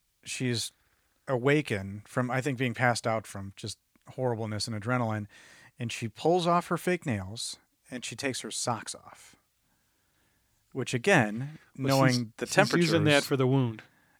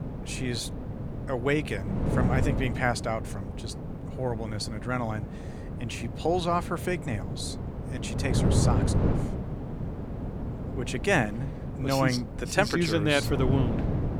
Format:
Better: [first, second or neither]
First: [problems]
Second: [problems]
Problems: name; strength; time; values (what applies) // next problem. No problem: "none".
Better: first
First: none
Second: wind noise on the microphone; heavy; 9 dB below the speech